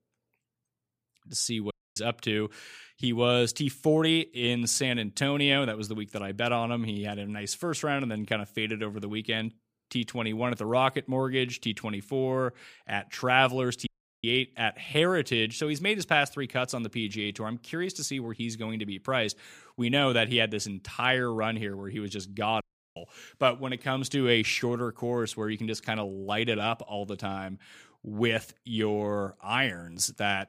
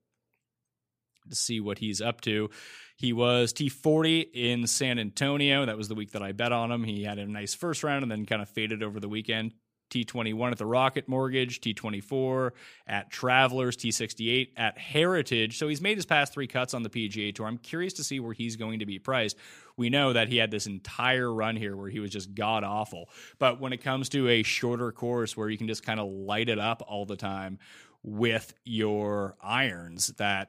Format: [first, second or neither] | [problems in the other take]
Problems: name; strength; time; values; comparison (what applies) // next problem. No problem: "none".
second | audio cutting out; at 1.5 s, at 14 s and at 23 s